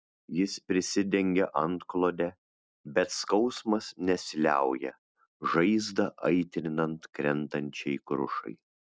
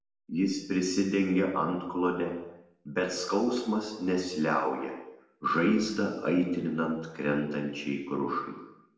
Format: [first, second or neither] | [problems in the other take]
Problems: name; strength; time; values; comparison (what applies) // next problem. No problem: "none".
first | room echo; dies away in 0.9 s